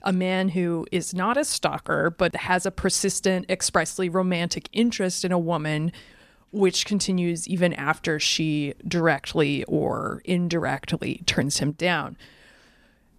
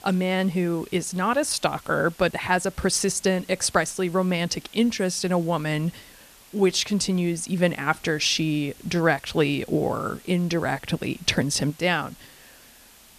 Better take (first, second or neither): first